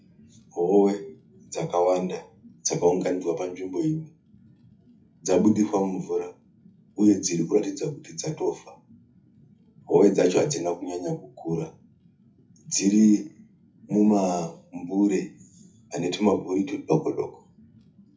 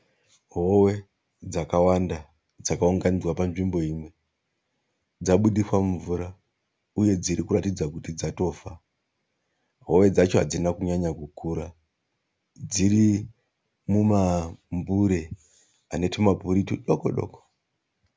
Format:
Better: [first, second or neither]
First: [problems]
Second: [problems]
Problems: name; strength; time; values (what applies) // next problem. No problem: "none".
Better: second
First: noise reduction (classical method WPE with log-MMSE)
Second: none